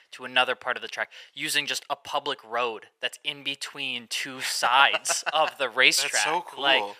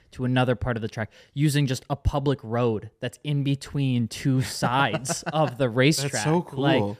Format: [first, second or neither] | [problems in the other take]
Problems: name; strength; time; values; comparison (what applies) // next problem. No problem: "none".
second | thin; very; fading below 900 Hz